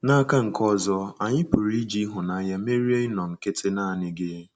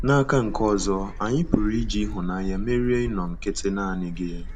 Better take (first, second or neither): first